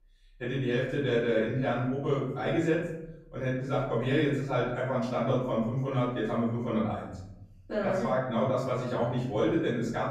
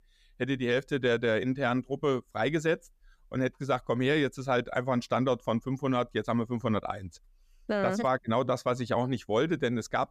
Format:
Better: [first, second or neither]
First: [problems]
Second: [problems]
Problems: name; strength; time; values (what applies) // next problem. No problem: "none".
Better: second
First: off-mic speech; far // room echo; noticeable; dies away in 0.9 s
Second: none